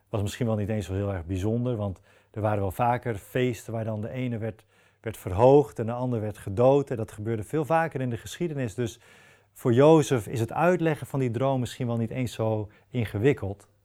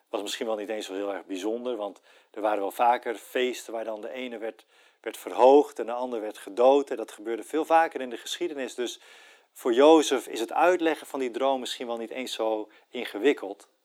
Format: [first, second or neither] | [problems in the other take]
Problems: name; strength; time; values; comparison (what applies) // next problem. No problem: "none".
first | thin; somewhat; fading below 300 Hz